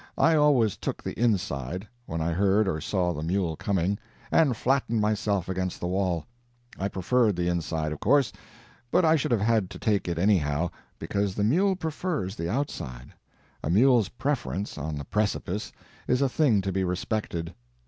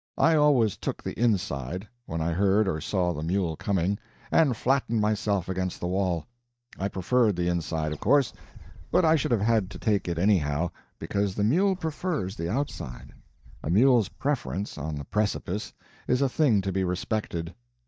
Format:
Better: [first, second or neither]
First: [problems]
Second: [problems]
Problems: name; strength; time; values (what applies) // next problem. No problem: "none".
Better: first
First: none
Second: noise reduction (neural mask model DeepFilterNet 3)